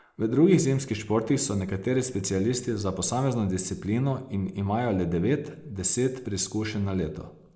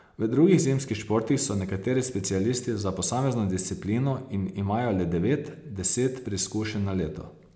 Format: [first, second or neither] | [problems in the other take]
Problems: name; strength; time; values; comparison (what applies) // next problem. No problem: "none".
second | noise reduction (neural mask model Resemble Enhance denoiser)